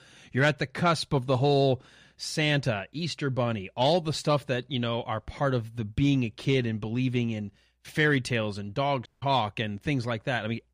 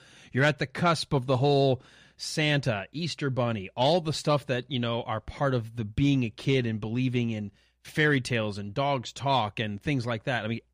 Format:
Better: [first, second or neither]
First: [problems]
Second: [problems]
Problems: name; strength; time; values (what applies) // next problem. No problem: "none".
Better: second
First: audio cutting out; at 9 s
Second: none